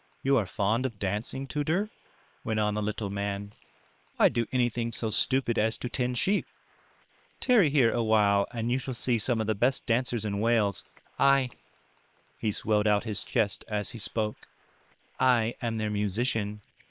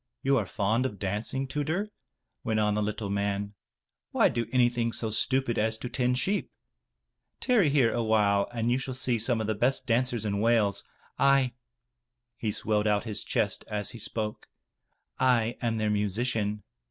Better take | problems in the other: second | noise reduction (neural separator model SepFormer WHAM!)

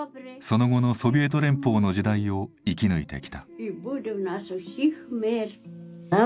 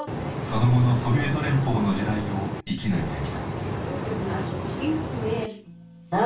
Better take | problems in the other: first | background sound (Boat, Water vehicle); 4 dB below the speech // room echo; dies away in 0.3 s

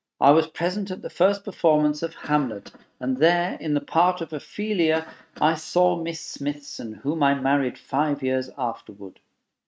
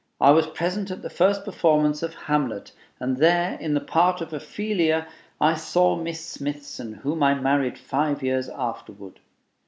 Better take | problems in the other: second | noise reduction (neural mask model RNNoise)

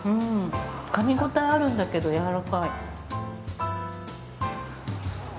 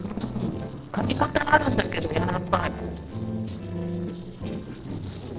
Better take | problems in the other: first | noise reduction (neural separator model SepFormer DNS4)

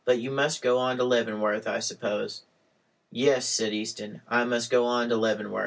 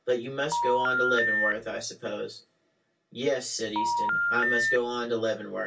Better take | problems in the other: first | background sound (Telephone); 3 dB above the speech // room echo; dies away in 0.1 s

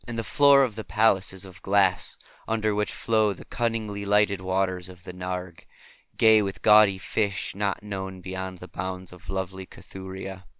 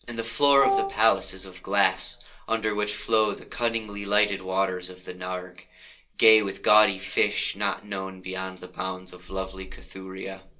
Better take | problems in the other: first | background sound (Wind instrument, woodwind instrument); 1 dB below the speech // room echo; dies away in 0.2 s

